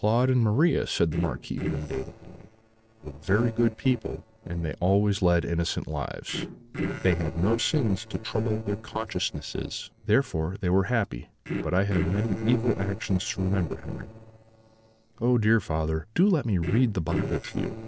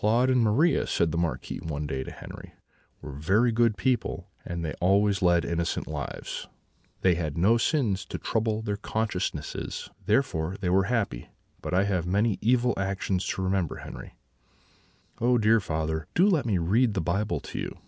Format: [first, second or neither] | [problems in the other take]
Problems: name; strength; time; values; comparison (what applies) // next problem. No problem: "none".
second | noise reduction (neural separator model SepFormer DNS4)